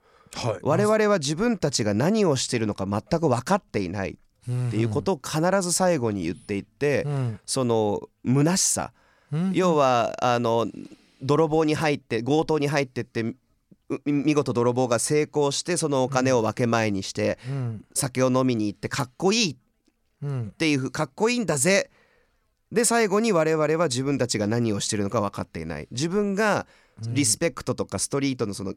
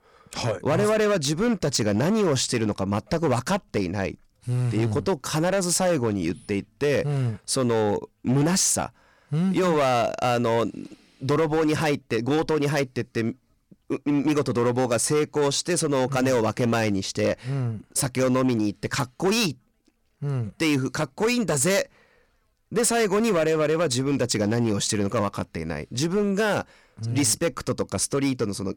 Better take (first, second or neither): first